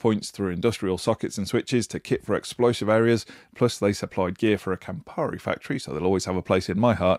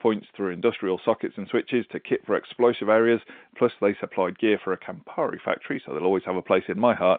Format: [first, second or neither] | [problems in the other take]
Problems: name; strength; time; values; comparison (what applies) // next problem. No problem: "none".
first | phone-call audio